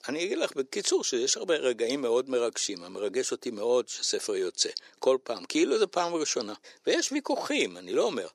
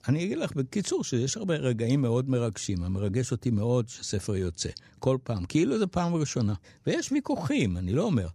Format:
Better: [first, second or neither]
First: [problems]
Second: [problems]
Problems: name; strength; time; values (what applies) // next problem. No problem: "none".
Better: second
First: thin; very; fading below 350 Hz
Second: none